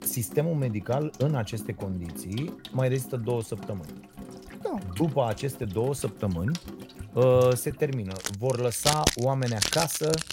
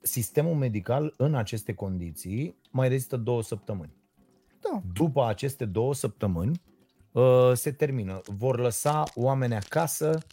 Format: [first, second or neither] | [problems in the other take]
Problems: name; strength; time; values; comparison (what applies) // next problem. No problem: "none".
second | household noises; loud; throughout; 7 dB below the speech; faint in the second